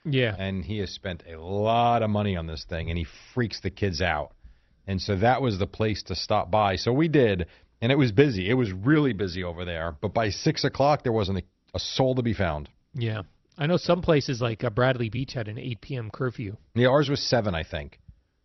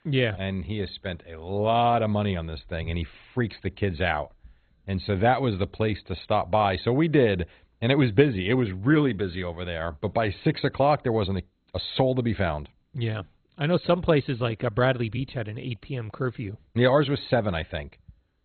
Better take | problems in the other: first | garbled, watery; badly; nothing above 4 kHz; slightly in the first

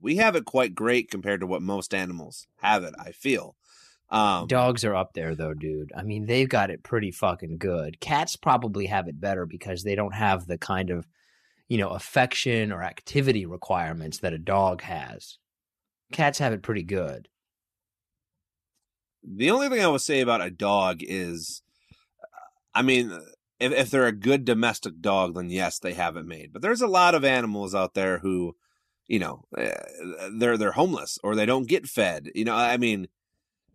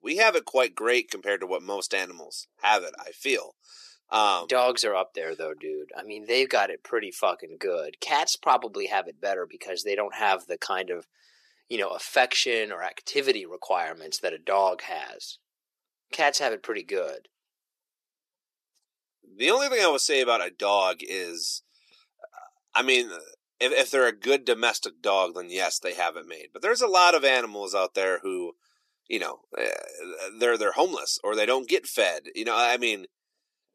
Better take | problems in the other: first | thin; very; fading below 400 Hz

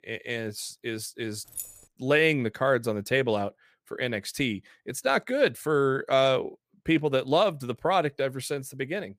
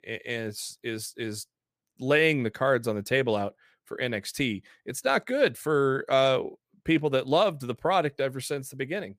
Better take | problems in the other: second | jangling keys; faint; at 1.5 s; peak 10 dB below the speech

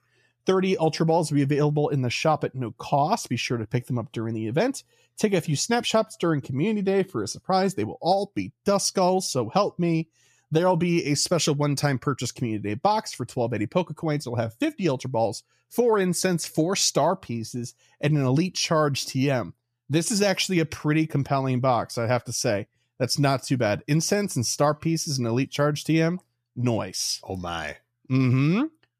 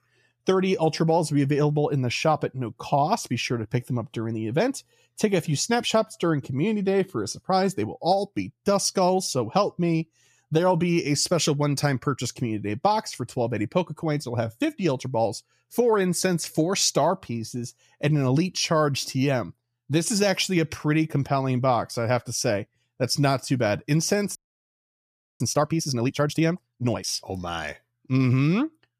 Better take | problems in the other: first | audio freezing; at 24 s for 1 s

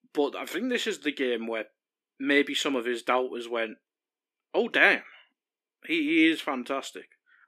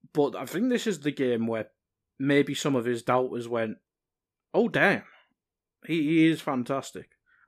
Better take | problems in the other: second | thin; very slightly; fading below 300 Hz

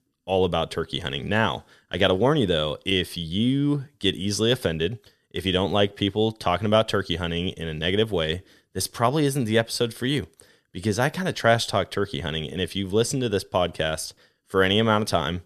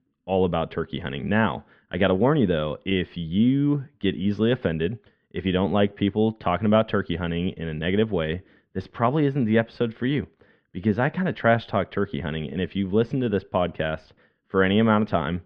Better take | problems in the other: first | muffled; very; fading above 2.5 kHz

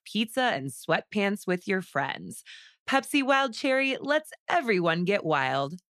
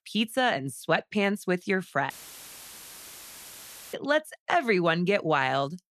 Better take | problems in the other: first | audio cutting out; filled with static; at 2 s for 2 s

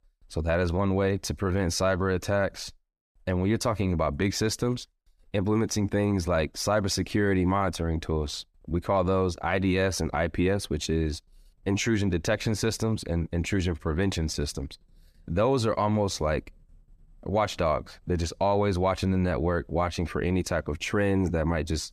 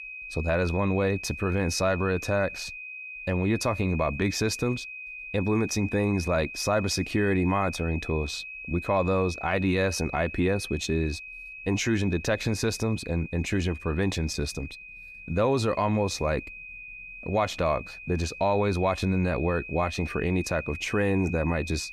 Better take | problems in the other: first | high-pitched whine; noticeable; throughout; 2.5 kHz, 10 dB below the speech

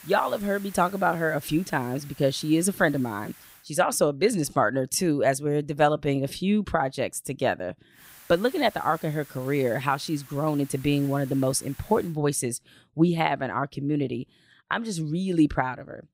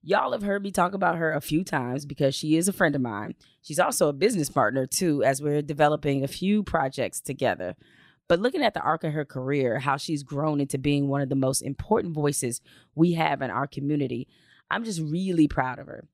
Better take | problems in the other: second | hiss; faint; until 3.5 s and from 8 to 12 s; 20 dB below the speech

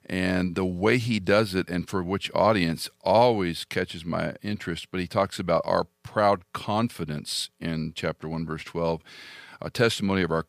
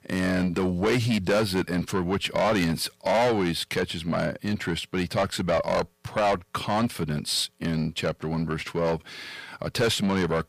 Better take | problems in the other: first | distortion; heavy; 6 dB below the speech

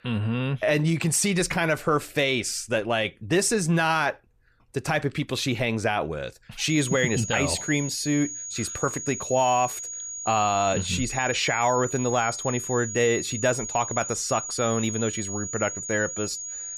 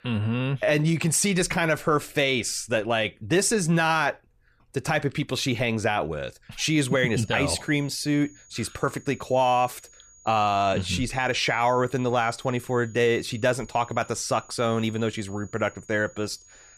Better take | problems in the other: second | high-pitched whine; loud; from 6.5 s on; 6.5 kHz, 7 dB below the speech; faint in the second

